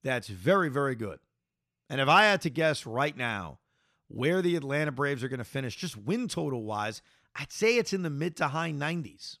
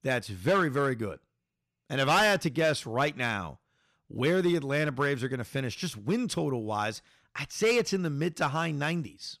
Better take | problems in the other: first | distortion; slight; 4% of the sound clipped

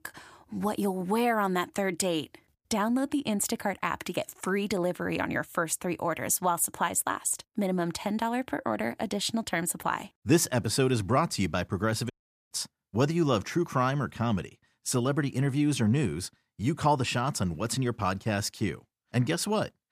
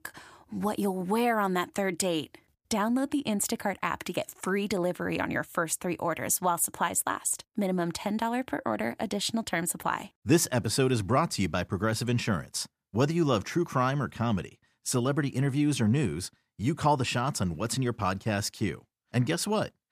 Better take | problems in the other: second | audio cutting out; at 12 s

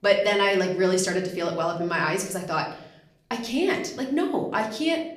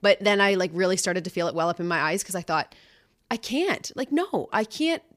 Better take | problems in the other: second | room echo; slight; dies away in 0.6 s // off-mic speech; somewhat distant

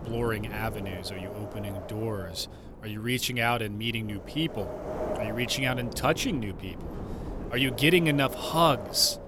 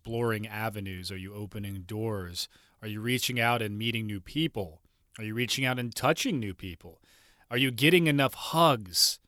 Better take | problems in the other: second | wind noise on the microphone; occasional gusts; 10 dB below the speech

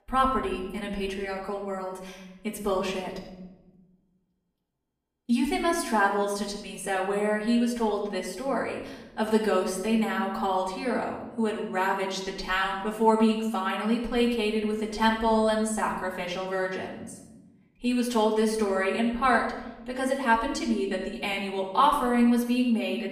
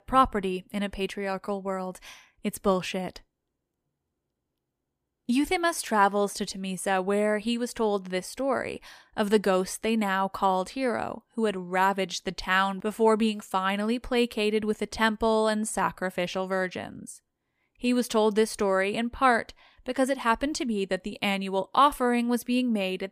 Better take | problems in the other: second | off-mic speech; far // room echo; noticeable; dies away in 0.9 s

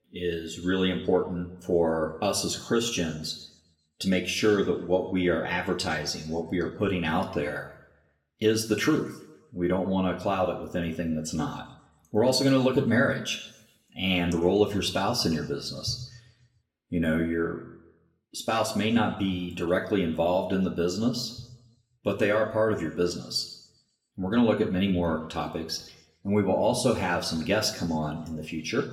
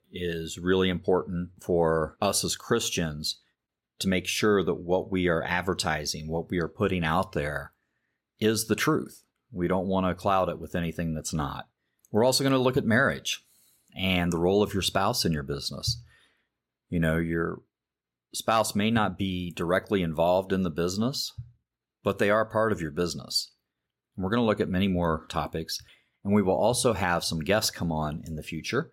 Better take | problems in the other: second | room echo; slight; dies away in 0.7 s // off-mic speech; somewhat distant

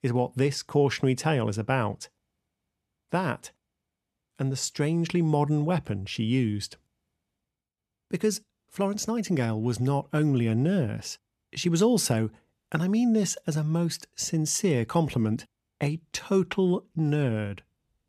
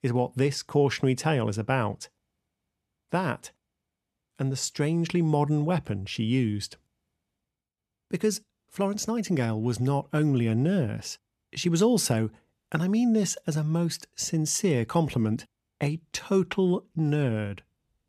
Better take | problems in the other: neither | none

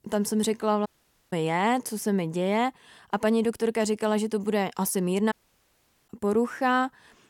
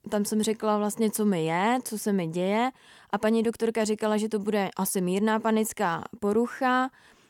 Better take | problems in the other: second | audio cutting out; at 1 s and at 5.5 s for 1 s

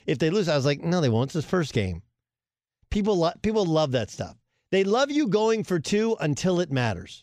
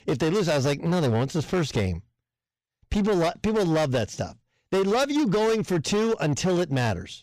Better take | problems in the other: first | distortion; slight; 17% of the sound clipped

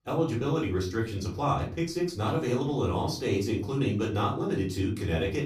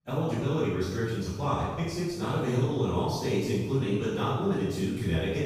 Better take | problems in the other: first | room echo; strong; dies away in 1.1 s; slight in the first // off-mic speech; far; far in the first

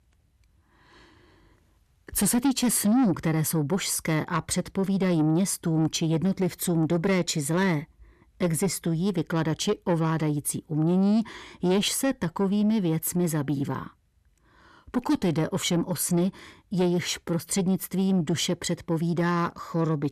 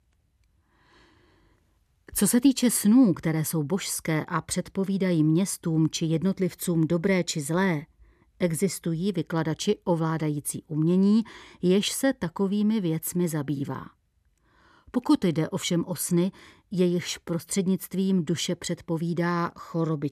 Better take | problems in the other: second | distortion; slight; 10 dB below the speech

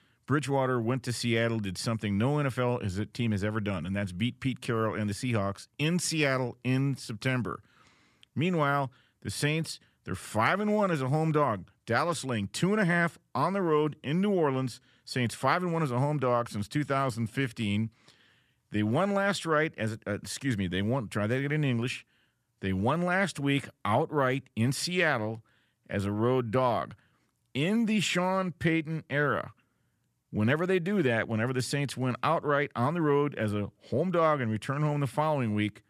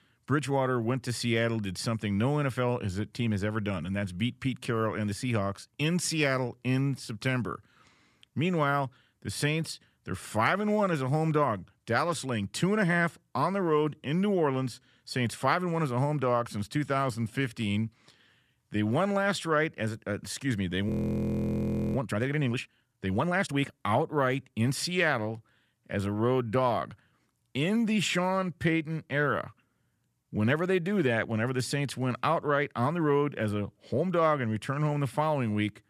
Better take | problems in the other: first | audio freezing; at 21 s for 1 s

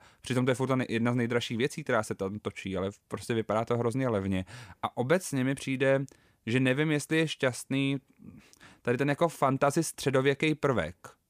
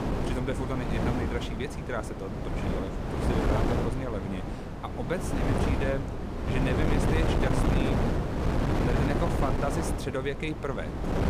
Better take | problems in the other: first | wind noise on the microphone; heavy; 2 dB above the speech

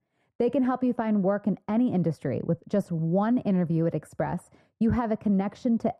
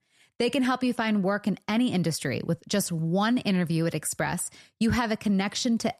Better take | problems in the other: second | muffled; very; fading above 2 kHz

